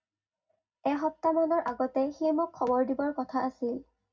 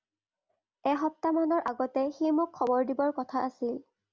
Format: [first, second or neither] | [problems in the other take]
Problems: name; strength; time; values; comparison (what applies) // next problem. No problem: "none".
second | room echo; dies away in 0.4 s